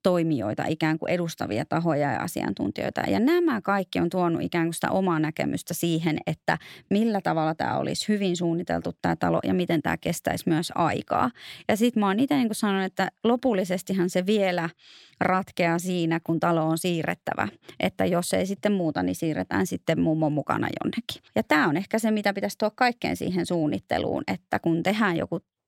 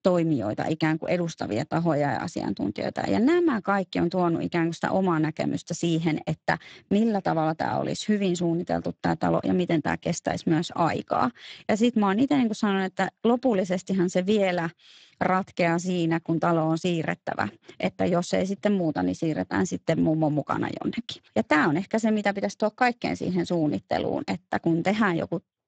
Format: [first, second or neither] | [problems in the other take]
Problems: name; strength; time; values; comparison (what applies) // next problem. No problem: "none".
first | garbled, watery; badly; nothing above 7.5 kHz